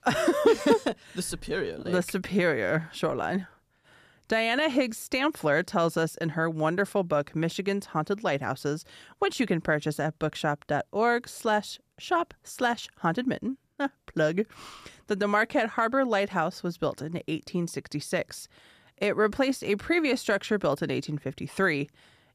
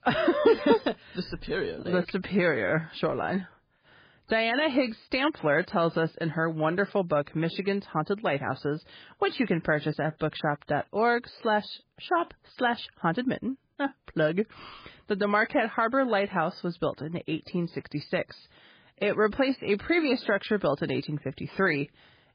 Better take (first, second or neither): first